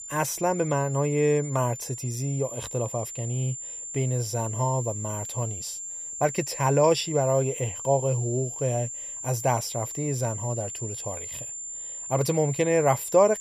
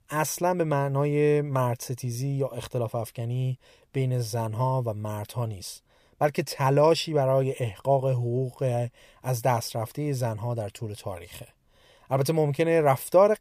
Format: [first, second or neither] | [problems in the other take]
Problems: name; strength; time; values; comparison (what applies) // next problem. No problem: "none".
second | high-pitched whine; loud; throughout; 7 kHz, 7 dB below the speech